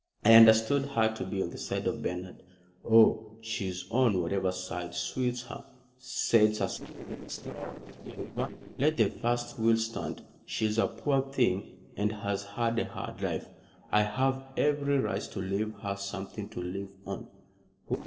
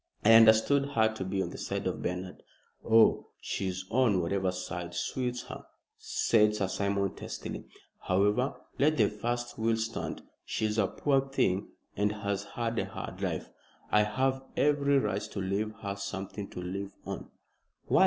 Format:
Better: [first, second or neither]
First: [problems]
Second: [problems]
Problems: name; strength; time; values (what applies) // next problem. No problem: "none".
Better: second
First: noise reduction (neural separator model SepFormer DNS4)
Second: none